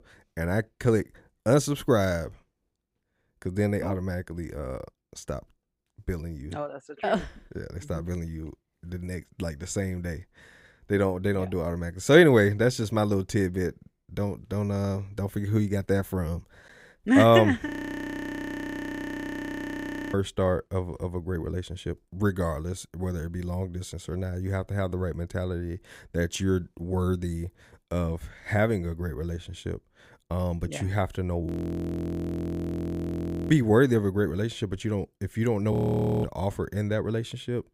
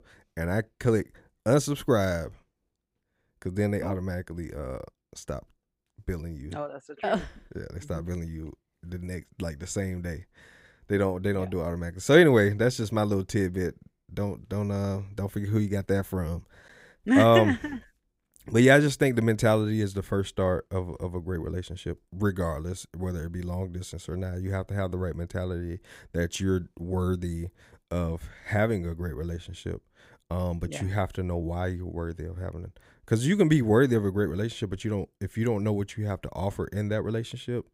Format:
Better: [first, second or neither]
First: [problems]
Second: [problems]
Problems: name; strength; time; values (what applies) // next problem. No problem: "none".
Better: second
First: audio freezing; at 18 s for 2.5 s, at 31 s for 2 s and at 36 s for 0.5 s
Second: none